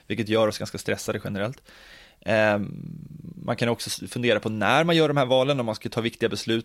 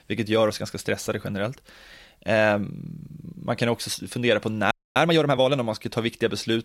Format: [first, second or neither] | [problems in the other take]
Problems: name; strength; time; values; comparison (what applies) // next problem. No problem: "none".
first | audio freezing; at 4.5 s